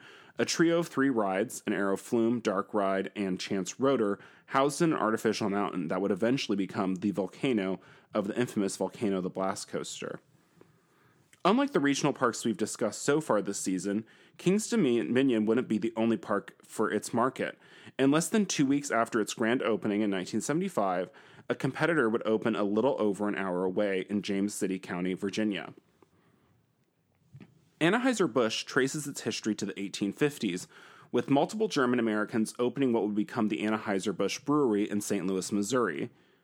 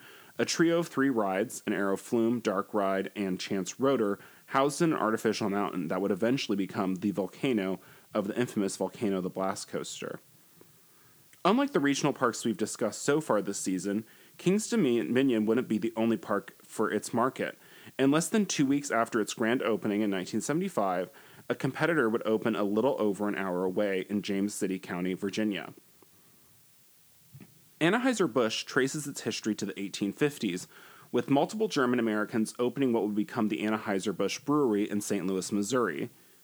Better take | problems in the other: first | hiss; faint; throughout; 25 dB below the speech

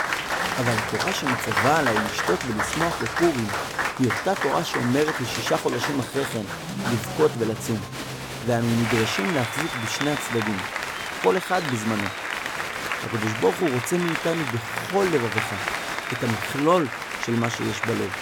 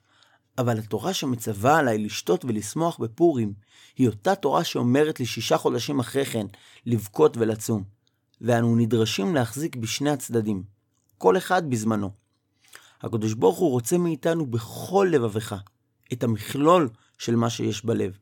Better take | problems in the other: second | crowd noise; loud; throughout; 2 dB below the speech

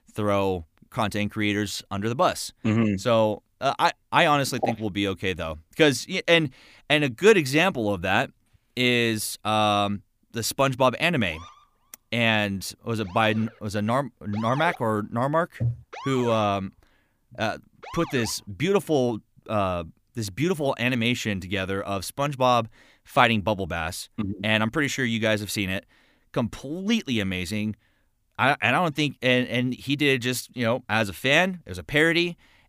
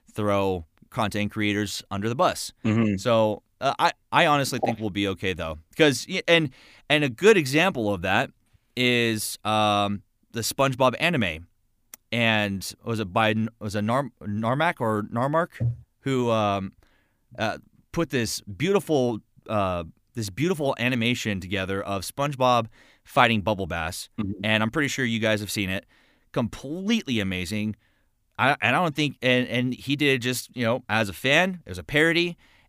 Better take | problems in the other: second | siren; noticeable; from 11 to 18 s; peak 10 dB below the speech

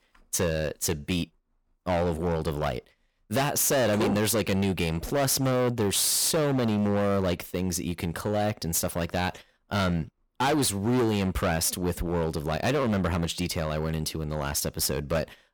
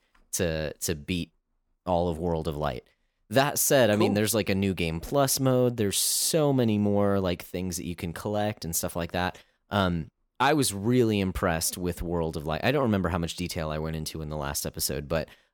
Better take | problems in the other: second | distortion; heavy; 14% of the sound clipped

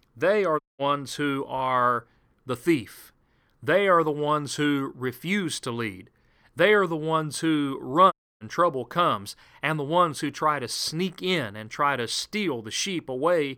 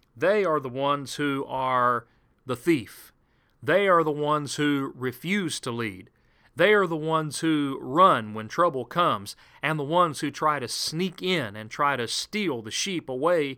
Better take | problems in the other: second | audio cutting out; at 0.5 s and at 8 s

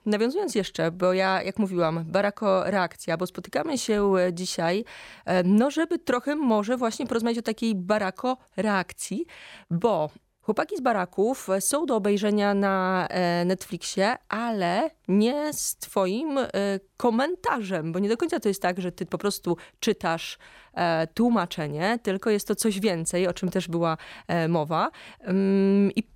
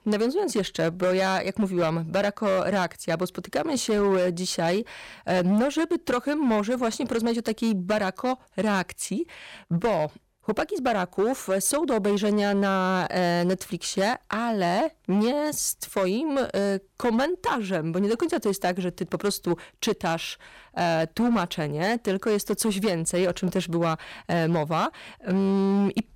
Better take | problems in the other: first | distortion; slight; 10% of the sound clipped

